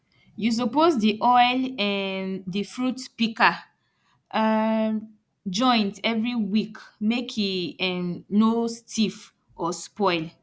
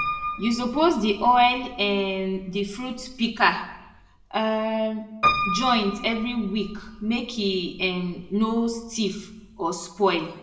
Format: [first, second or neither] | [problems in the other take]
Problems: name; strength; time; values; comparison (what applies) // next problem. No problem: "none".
first | background sound (Piano); 9 dB below the speech // room echo; dies away in 0.6 s